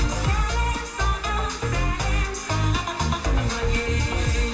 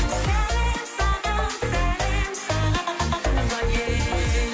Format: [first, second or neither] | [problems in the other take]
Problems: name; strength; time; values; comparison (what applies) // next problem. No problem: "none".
second | room echo; dies away in 1.1 s